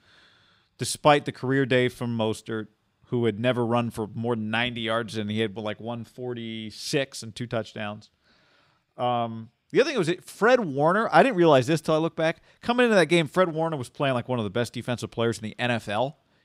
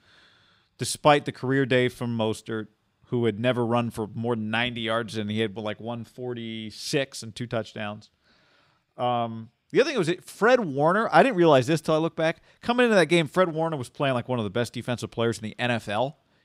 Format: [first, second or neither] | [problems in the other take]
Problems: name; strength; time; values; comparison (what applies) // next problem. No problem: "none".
neither | none